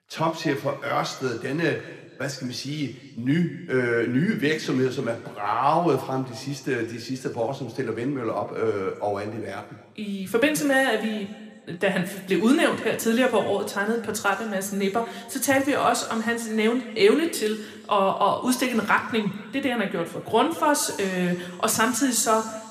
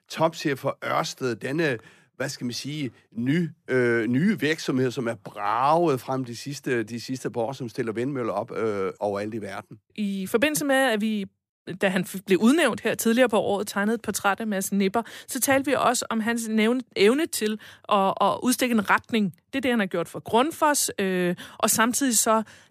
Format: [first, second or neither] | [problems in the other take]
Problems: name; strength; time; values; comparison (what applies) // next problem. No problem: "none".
second | room echo; slight; dies away in 1.4 s